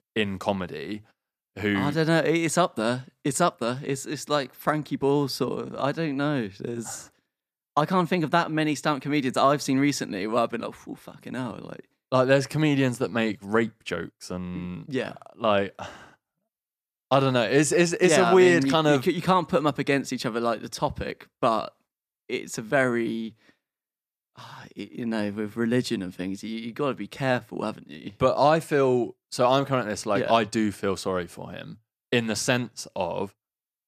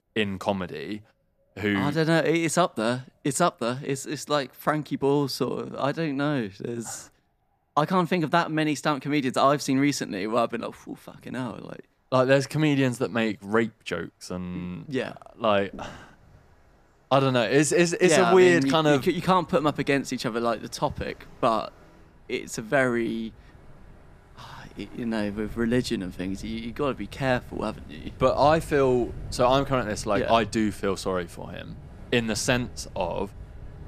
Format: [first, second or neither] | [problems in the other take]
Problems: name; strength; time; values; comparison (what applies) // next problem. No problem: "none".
first | wind in the background; faint; throughout; 20 dB below the speech